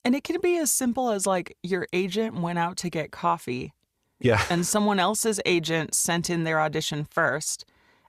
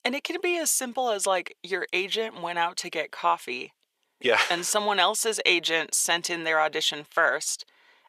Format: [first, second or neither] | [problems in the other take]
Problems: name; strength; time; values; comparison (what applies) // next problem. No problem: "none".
first | thin; somewhat; fading below 500 Hz